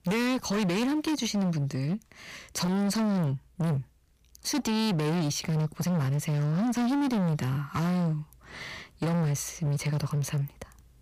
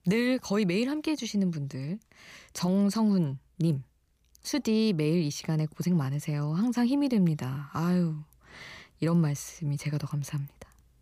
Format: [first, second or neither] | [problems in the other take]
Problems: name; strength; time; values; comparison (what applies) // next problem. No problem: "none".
second | distortion; heavy; 29% of the sound clipped